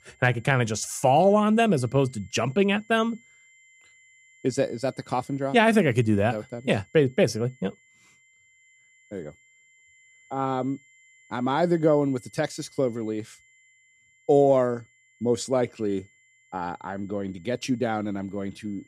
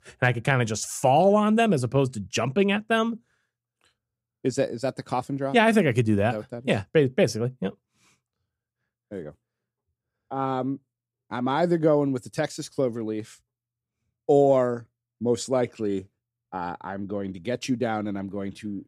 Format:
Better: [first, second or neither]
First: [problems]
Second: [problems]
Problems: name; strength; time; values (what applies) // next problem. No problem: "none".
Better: second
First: high-pitched whine; faint; throughout; 2 kHz, 30 dB below the speech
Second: none